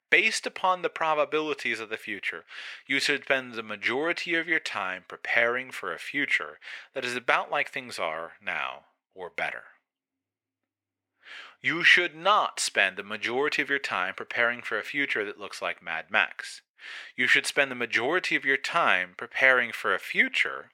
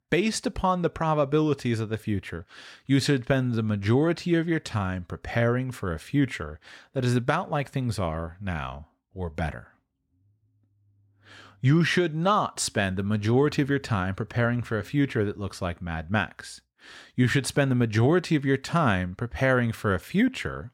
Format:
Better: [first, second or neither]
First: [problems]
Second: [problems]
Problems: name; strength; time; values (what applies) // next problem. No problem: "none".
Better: second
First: thin; very; fading below 550 Hz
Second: none